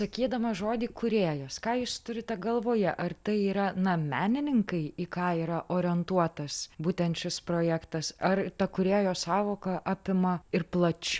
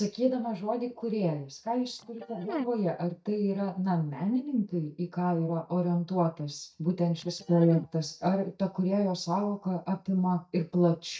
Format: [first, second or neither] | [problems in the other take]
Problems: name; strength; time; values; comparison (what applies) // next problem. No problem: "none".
first | noise reduction (neural mask model DeepFilterNet 3)